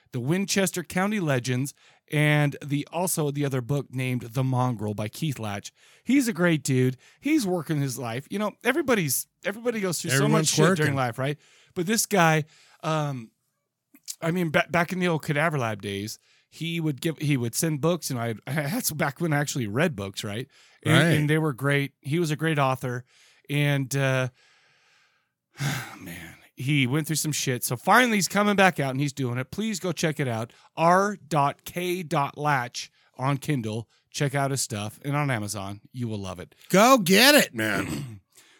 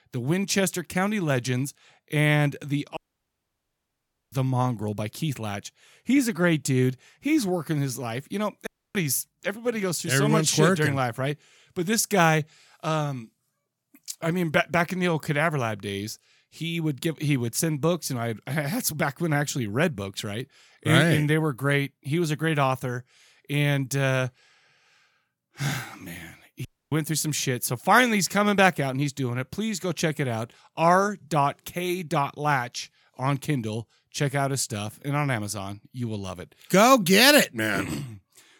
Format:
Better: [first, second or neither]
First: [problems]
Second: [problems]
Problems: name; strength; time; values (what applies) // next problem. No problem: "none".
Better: first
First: none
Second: audio cutting out; at 3 s for 1.5 s, at 8.5 s and at 27 s